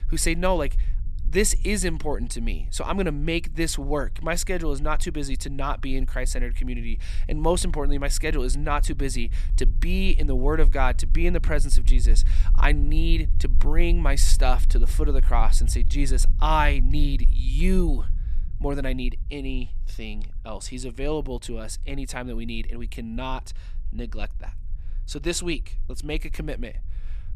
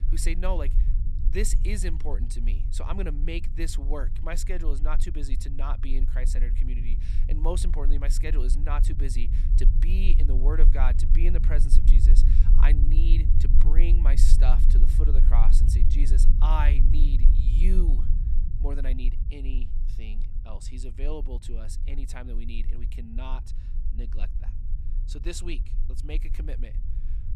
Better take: first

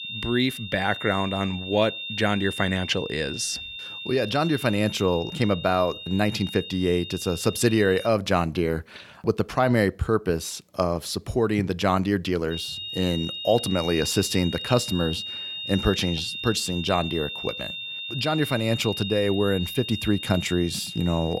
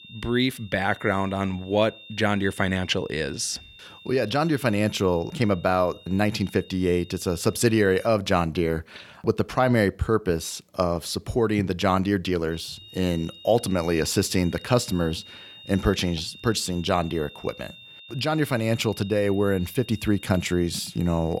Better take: second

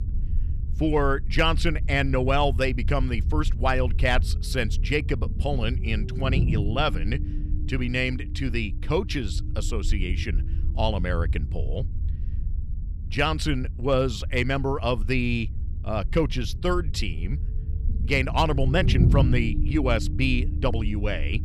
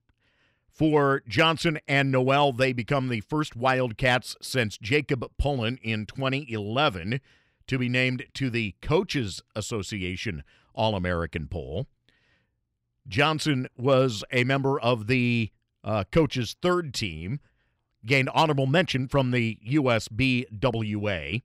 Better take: second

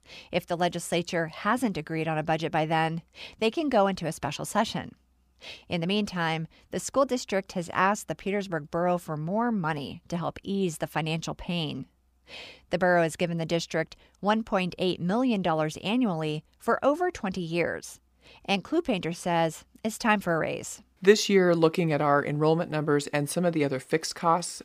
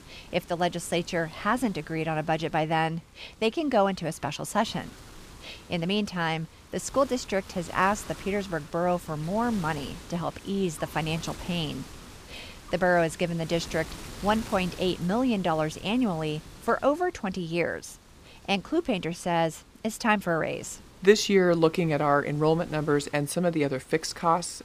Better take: first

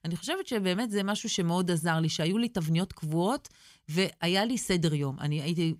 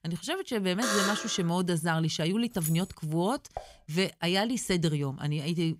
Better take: first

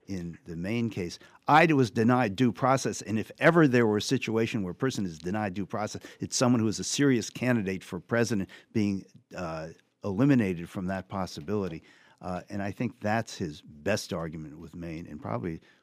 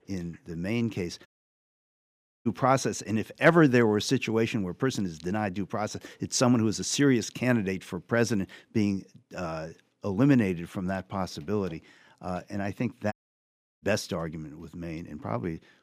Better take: first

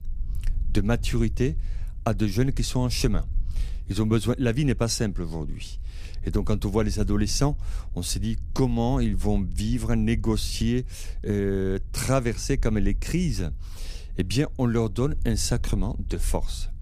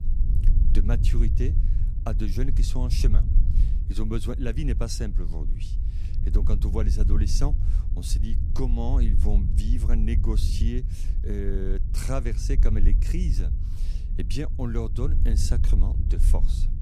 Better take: first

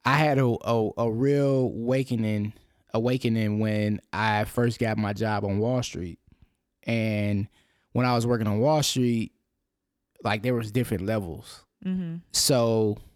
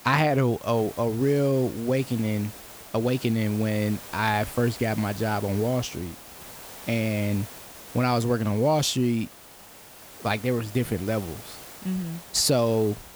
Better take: first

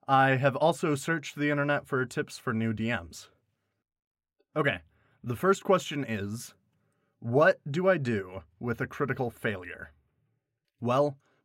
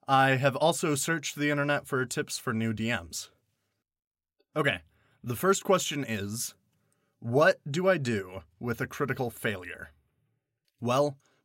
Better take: second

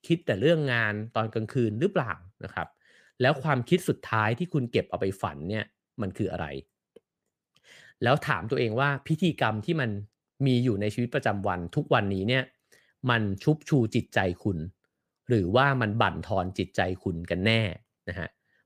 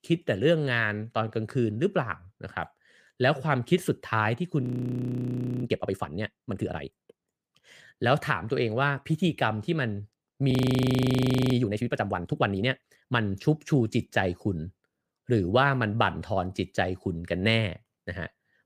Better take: first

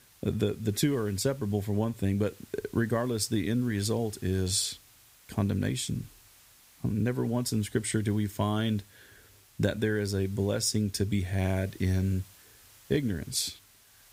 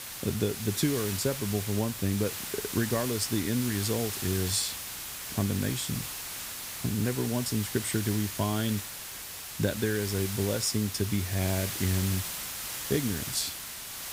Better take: first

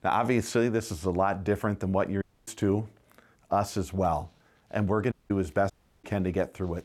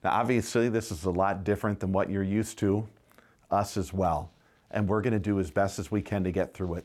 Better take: second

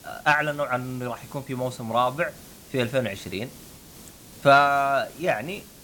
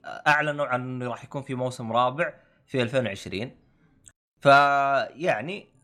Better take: second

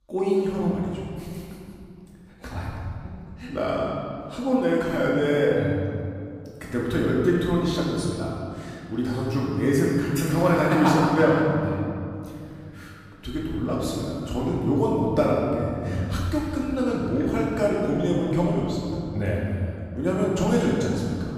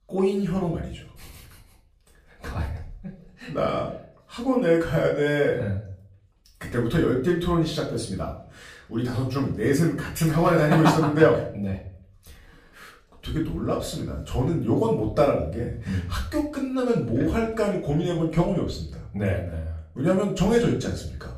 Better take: second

